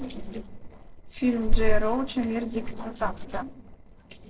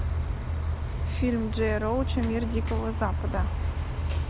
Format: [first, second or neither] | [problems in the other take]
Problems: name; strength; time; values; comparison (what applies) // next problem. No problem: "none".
second | noise reduction (neural separator model SepFormer DNS4)